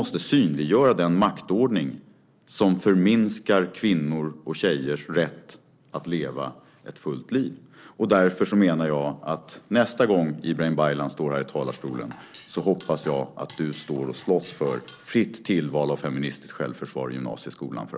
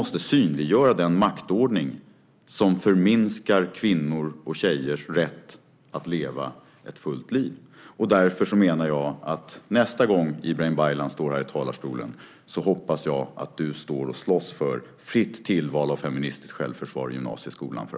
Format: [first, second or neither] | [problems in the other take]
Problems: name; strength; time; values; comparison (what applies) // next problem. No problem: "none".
second | noise reduction (neural separator model SepFormer DNS4)